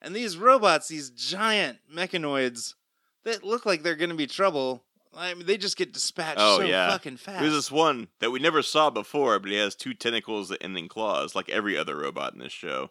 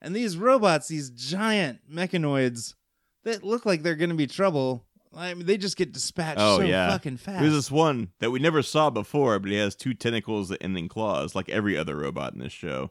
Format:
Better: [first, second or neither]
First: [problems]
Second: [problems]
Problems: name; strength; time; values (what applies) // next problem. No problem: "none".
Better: second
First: thin; somewhat; fading below 300 Hz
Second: none